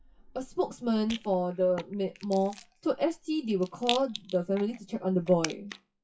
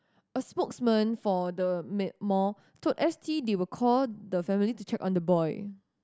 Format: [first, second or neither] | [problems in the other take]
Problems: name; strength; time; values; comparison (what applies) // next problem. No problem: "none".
second | noise reduction (classical method WPE with log-MMSE)